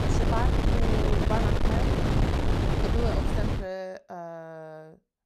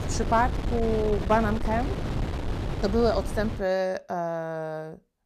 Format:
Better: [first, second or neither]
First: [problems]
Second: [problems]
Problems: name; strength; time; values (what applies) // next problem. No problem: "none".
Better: second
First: wind noise on the microphone; heavy; until 3.5 s; 4 dB above the speech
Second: wind noise on the microphone; occasional gusts; until 3.5 s; 10 dB below the speech